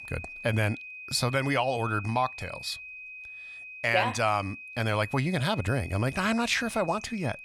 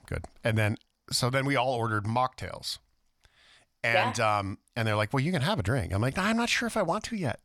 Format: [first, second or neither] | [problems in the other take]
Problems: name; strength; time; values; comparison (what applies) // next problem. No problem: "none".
second | high-pitched whine; noticeable; throughout; 2.5 kHz, 10 dB below the speech